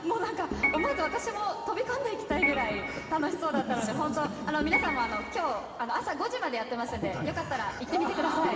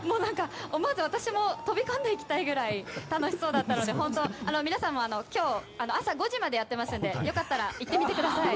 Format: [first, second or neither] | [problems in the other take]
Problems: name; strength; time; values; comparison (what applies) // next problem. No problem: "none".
second | background sound (Organ); 2 dB below the speech // room echo; dies away in 2.8 s